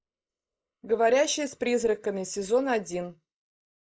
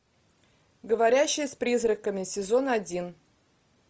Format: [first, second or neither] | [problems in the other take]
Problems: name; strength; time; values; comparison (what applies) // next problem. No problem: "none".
second | noise reduction (neural mask model Resemble Enhance denoiser)